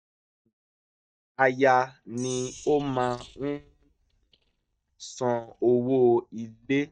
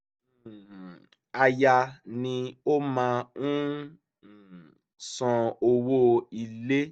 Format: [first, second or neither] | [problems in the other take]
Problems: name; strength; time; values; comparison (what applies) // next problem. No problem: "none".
second | noise reduction (neural mask model DeepFilterNet 3)